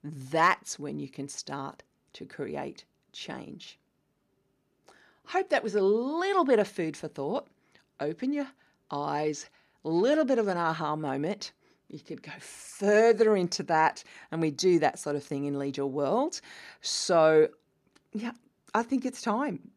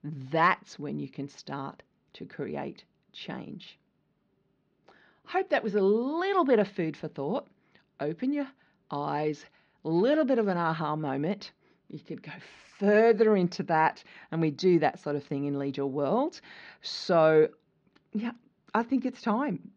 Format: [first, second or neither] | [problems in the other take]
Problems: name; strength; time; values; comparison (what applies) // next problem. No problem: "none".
first | muffled; very slightly; fading above 4.5 kHz